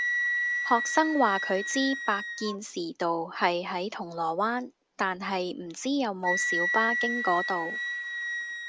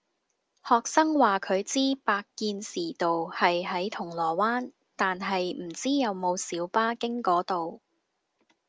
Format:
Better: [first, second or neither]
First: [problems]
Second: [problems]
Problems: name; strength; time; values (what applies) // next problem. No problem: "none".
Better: second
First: background sound (Wind instrument, woodwind instrument); 3 dB below the speech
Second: none